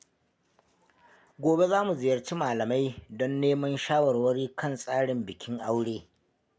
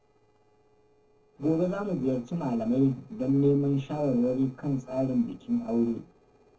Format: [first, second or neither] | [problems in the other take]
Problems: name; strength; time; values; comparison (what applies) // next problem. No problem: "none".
first | noise reduction (neural separator model SepFormer DNS4)